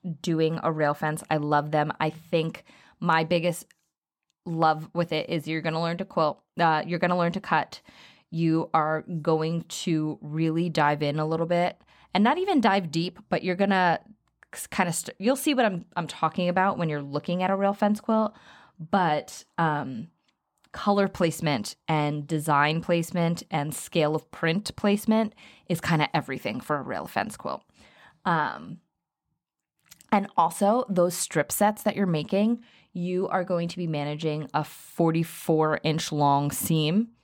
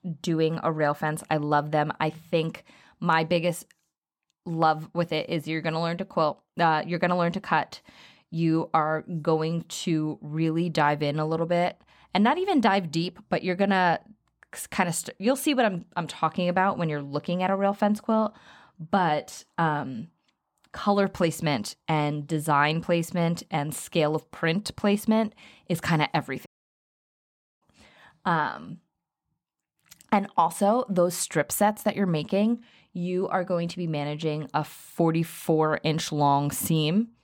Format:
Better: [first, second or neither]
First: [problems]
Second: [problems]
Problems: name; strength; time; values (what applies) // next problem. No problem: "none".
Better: first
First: none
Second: audio cutting out; at 26 s for 1 s